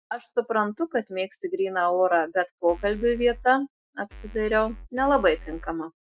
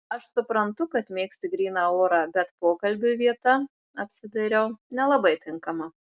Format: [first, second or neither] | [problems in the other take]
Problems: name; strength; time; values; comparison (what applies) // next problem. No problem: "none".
second | noise reduction (classical method Wiener filter)